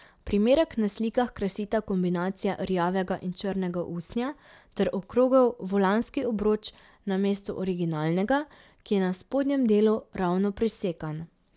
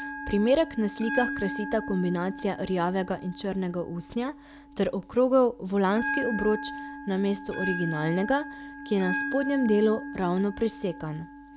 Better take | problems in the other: first | background sound (Bell); 9 dB below the speech

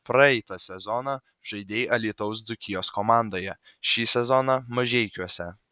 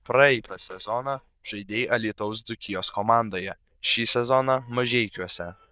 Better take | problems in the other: first | noise reduction (neural diffusion model UNIVERSE++)

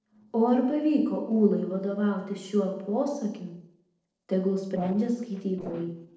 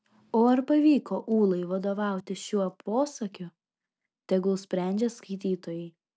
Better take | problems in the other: second | noise reduction (neural separator model SepFormer DNS4)

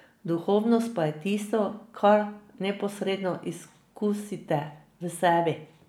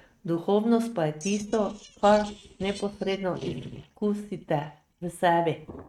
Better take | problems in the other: first | noise reduction (neural mask model RNNoise)

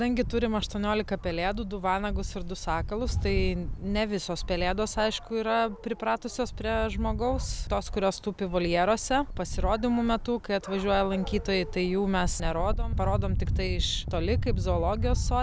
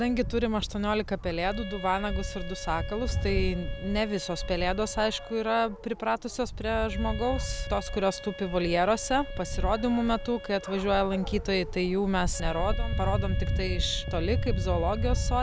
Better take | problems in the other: first | background sound (Wind instrument, woodwind instrument); 17 dB below the speech

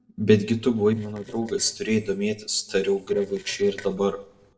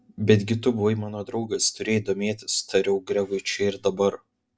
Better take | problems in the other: second | noise reduction (neural separator model SepFormer DNS4)

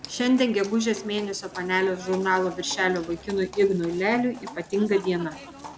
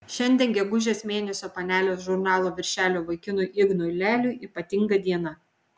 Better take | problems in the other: second | background sound (Livestock, farm animals, working animals); 17 dB below the speech

